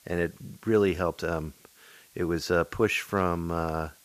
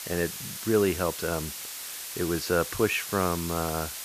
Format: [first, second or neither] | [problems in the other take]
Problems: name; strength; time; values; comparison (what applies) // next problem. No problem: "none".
first | hiss; loud; throughout; 6 dB below the speech; faint in the first